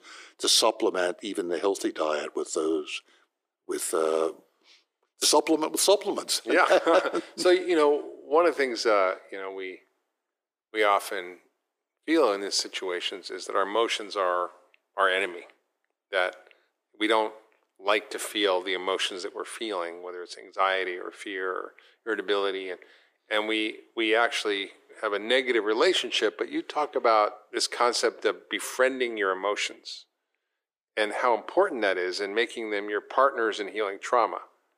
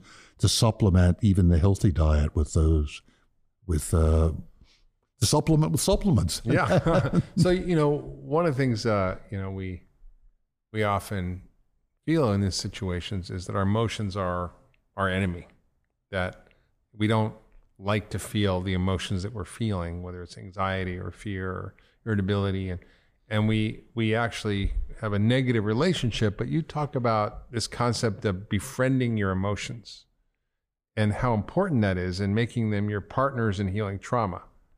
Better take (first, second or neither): second